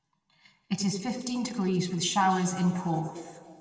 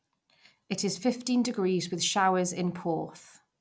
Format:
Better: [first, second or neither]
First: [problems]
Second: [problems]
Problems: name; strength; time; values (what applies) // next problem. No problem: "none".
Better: second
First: room echo; dies away in 2 s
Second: none